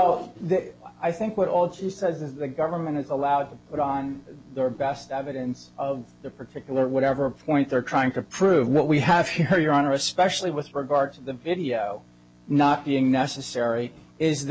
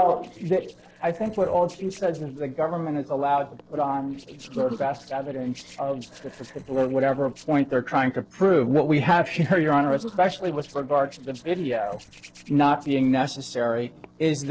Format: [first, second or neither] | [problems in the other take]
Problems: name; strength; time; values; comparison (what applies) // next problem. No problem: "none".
first | noise reduction (neural separator model SepFormer DNS4)